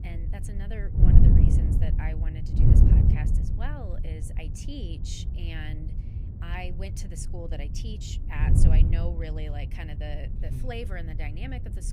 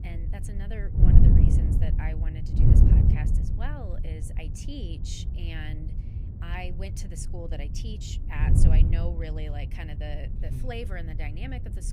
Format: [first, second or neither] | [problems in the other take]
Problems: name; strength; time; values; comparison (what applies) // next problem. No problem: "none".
neither | wind noise on the microphone; heavy; 1 dB above the speech; the same in both